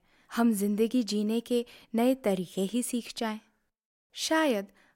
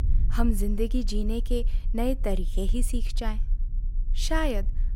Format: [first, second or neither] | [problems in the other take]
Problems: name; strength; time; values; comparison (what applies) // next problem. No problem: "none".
first | low rumble; faint; throughout; 20 dB below the speech